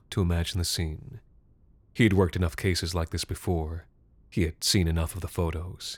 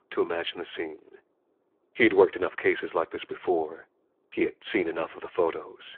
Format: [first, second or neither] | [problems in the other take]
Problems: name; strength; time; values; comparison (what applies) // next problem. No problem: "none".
first | phone-call audio; poor line